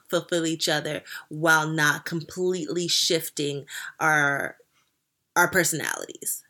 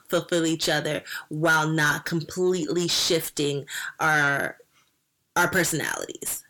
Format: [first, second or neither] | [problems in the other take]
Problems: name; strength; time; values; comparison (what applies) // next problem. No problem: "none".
first | distortion; slight; 10 dB below the speech